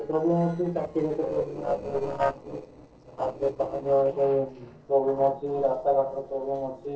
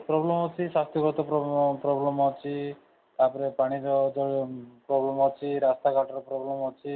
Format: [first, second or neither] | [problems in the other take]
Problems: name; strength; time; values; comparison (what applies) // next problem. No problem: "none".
second | noise reduction (neural separator model SepFormer DNS4)